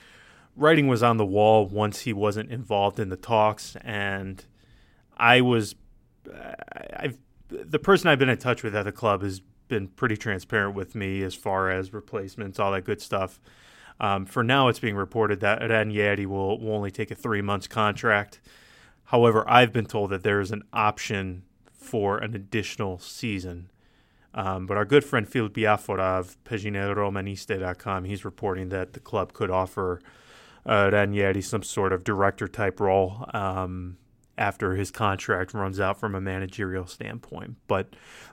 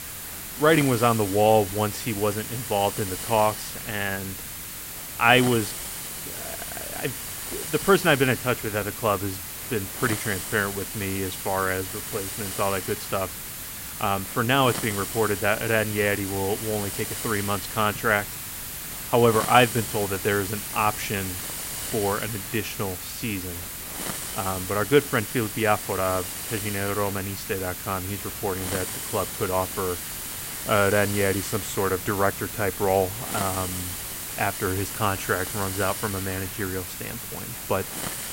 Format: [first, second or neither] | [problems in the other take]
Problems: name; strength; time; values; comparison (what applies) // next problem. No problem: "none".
first | hiss; loud; throughout; 6 dB below the speech